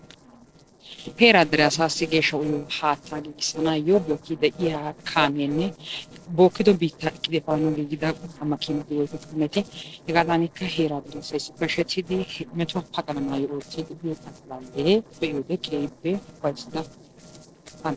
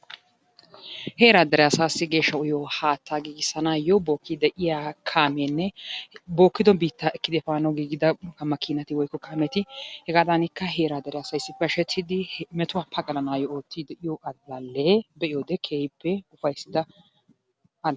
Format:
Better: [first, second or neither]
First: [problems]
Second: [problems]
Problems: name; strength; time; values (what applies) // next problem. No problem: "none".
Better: second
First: noise reduction (neural separator model SepFormer DNS4)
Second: none